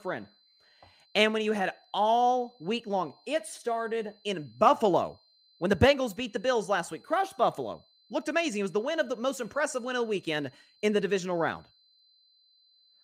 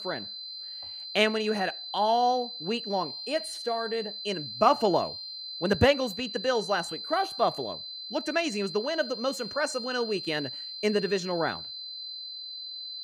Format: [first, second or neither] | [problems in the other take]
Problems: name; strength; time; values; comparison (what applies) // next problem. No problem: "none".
first | high-pitched whine; loud; throughout; 4 kHz, 8 dB below the speech; faint in the first